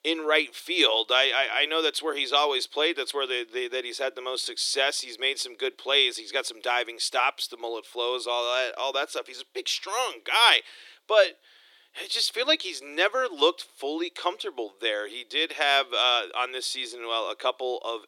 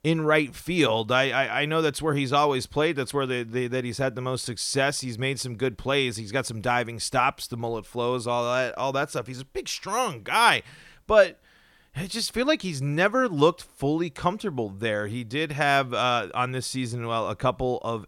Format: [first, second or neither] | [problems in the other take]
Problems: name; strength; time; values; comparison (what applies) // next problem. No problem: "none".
second | thin; very; fading below 350 Hz